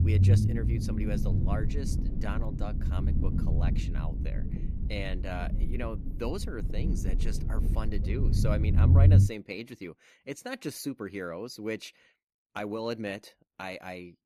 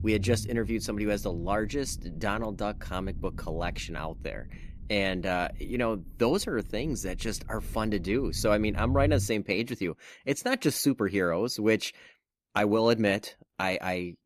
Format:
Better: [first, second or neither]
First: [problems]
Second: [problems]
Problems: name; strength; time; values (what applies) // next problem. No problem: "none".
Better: second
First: low rumble; loud; until 9 s; 3 dB below the speech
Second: low rumble; faint; until 9 s; 25 dB below the speech